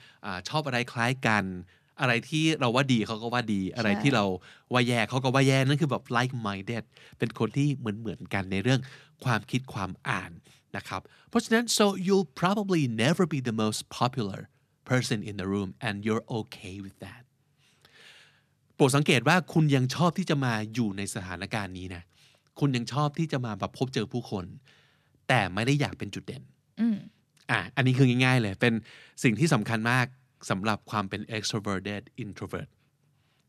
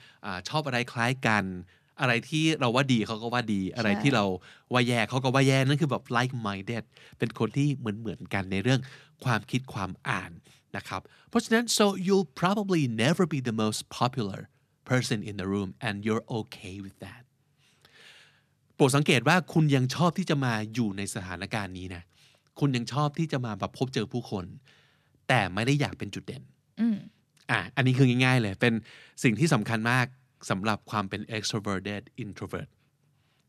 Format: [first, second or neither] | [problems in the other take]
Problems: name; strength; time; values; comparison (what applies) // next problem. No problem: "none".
neither | none